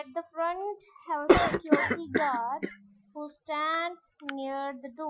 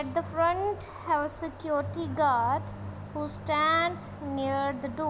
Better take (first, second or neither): second